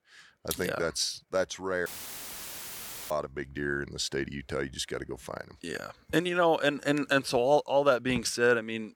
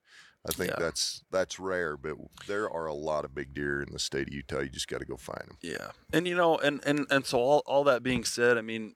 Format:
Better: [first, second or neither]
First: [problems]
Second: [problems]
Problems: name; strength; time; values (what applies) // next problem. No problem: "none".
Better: second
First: audio cutting out; filled with static; at 2 s for 1 s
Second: none